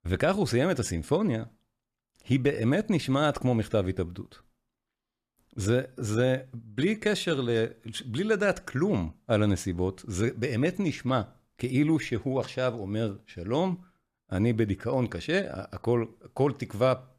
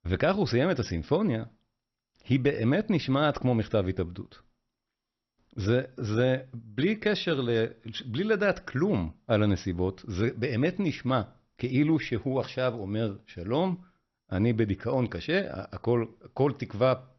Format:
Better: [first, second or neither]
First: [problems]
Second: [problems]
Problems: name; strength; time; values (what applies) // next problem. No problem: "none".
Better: first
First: none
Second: garbled, watery; slightly; nothing above 6 kHz